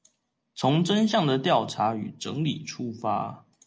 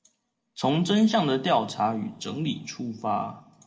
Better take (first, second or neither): first